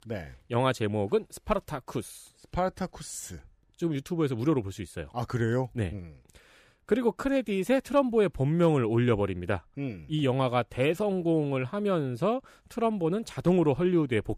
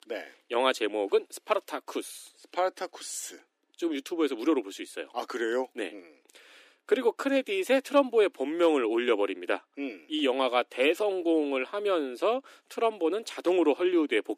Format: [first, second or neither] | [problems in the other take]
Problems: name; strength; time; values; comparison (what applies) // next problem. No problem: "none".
first | thin; somewhat; fading below 300 Hz